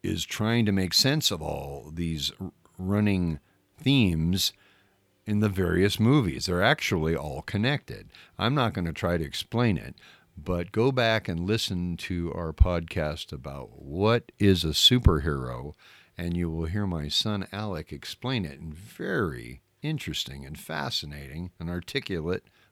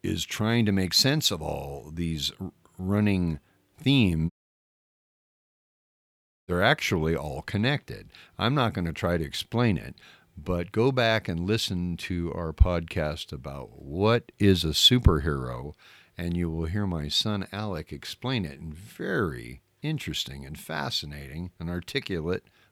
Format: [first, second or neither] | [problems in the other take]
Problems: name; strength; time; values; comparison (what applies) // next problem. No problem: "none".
first | audio cutting out; at 4.5 s for 2 s